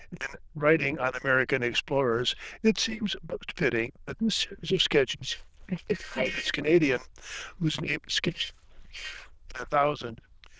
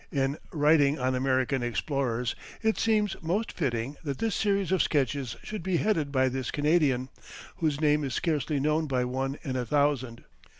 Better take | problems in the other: second | noise reduction (neural diffusion model UNIVERSE++)

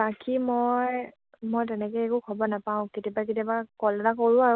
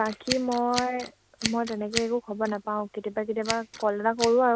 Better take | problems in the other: first | background sound (Scissors); 10 dB below the speech

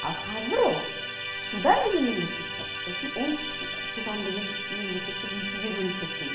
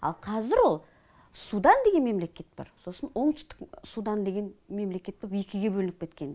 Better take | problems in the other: second | background sound (Musical instrument); 4 dB below the speech // room echo; dies away in 0.8 s

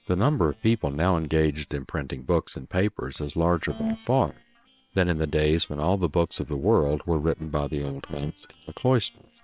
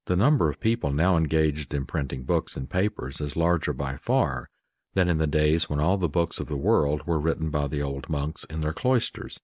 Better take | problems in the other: second | noise reduction (neural separator model SepFormer WHAM!)

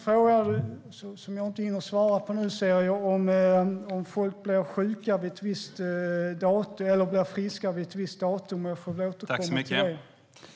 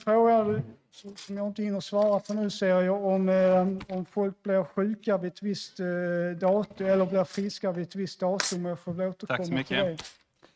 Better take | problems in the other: first | noise reduction (neural mask model RNNoise)

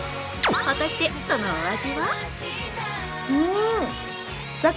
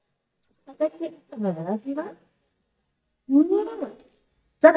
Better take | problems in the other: first | noise reduction (neural mask model DeepFilterNet 3)

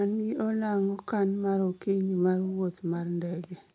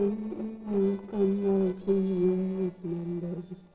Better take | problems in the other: first | noise reduction (neural separator model SepFormer DNS4)

